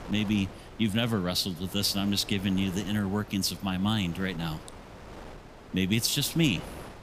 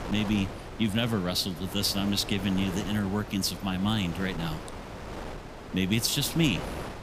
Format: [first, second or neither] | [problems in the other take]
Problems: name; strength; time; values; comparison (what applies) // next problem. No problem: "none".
first | wind noise on the microphone; heavy; 9 dB below the speech; occasional gusts in the first